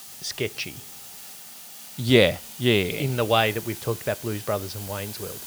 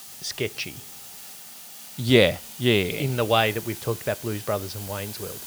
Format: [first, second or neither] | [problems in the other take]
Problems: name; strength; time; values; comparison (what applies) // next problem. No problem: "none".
neither | hiss; noticeable; throughout; 15 dB below the speech; the same in both